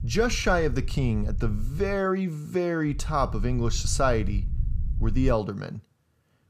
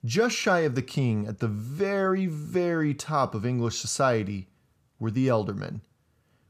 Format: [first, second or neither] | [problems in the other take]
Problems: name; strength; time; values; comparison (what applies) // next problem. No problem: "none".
second | low rumble; faint; until 2 s and from 3 to 5.5 s; 25 dB below the speech